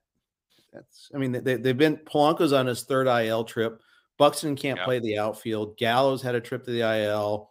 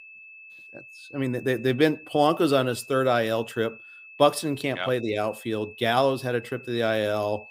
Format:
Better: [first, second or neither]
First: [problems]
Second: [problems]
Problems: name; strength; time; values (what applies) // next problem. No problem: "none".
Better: first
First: none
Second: high-pitched whine; noticeable; throughout; 2.5 kHz, 20 dB below the speech